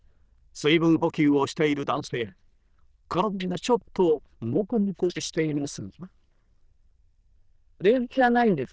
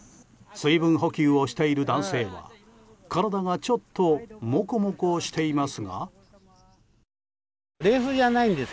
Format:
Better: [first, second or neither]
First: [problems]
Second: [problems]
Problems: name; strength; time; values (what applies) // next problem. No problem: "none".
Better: second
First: noise reduction (neural diffusion model UNIVERSE++)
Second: none